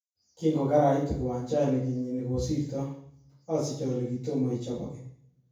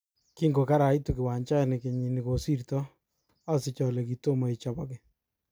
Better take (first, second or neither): second